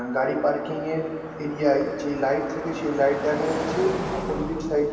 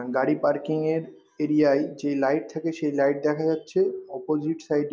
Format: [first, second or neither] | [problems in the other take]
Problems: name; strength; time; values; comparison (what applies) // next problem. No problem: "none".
second | background sound (Car passing by); 9 dB below the speech // room echo; dies away in 2.6 s